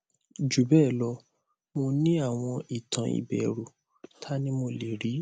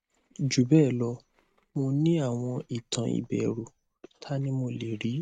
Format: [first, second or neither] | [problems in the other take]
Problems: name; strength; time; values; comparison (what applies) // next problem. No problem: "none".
first | noise reduction (neural mask model RNNoise)